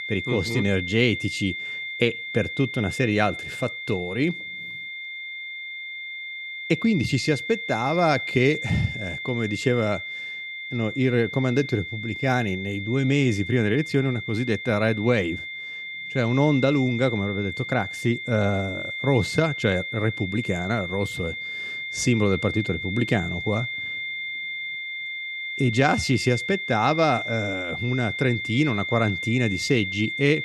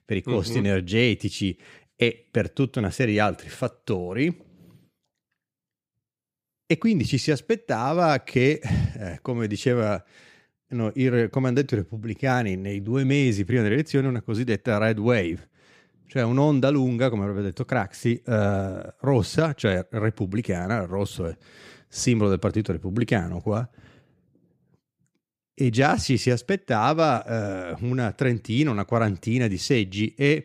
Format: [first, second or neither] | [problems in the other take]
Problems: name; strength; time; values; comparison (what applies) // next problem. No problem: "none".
second | high-pitched whine; loud; throughout; 2 kHz, 6 dB below the speech